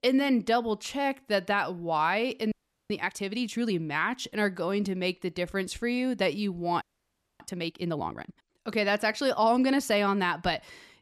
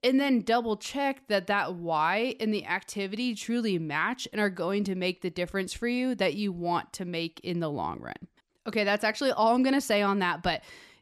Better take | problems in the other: second | audio freezing; at 2.5 s and at 7 s for 0.5 s

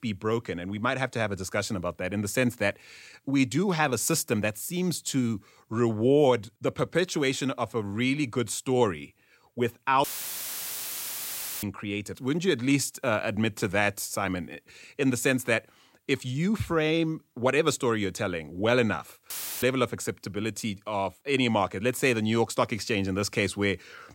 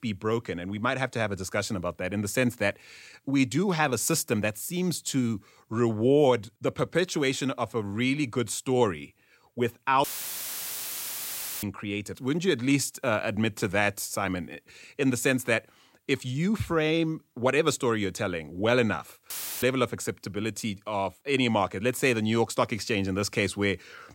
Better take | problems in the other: neither | audio cutting out; filled with static; at 10 s for 1.5 s and at 19 s; the same in both

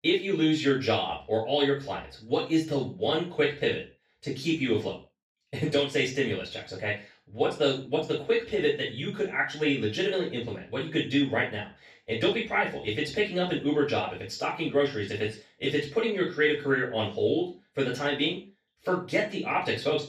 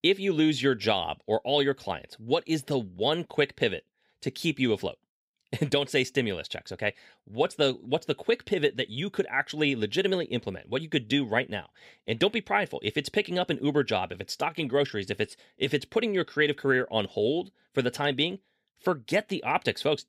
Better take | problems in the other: second | room echo; noticeable; dies away in 0.3 s // off-mic speech; far

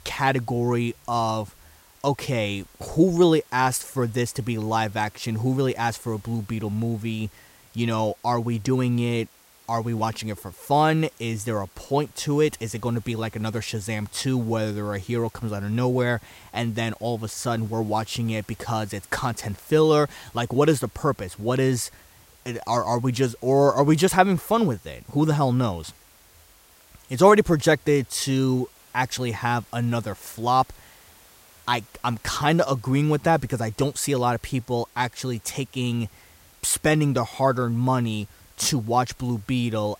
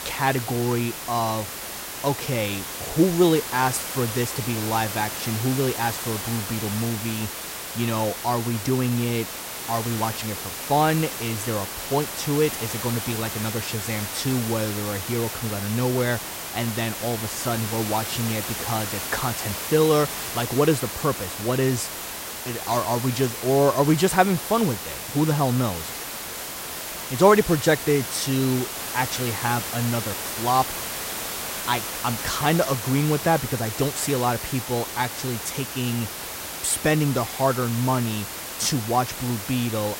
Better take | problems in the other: first | hiss; loud; throughout; 5 dB below the speech; faint in the first

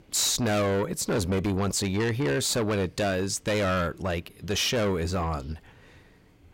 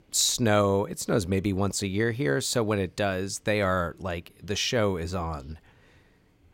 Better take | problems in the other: second | distortion; heavy; 7 dB below the speech

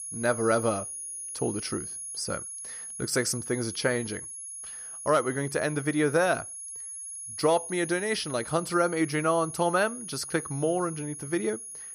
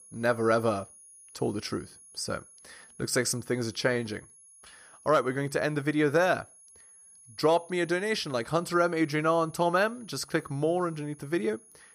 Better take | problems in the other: second | high-pitched whine; loud; throughout; 10.5 kHz, 8 dB below the speech; faint in the second

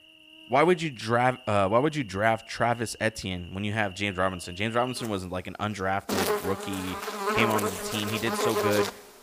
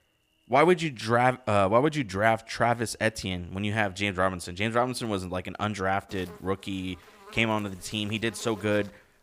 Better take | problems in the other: second | animal sounds; loud; throughout; 2 dB below the speech; faint in the second

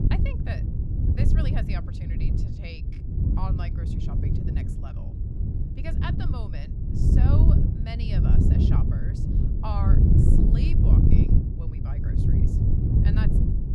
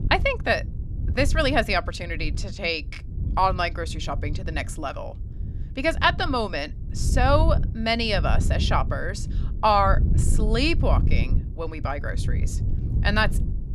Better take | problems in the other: second | wind noise on the microphone; heavy; 4 dB above the speech; occasional gusts in the second

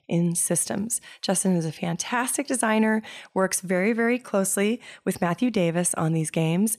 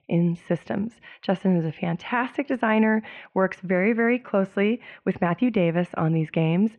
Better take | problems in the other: first | muffled; very; fading above 2.5 kHz

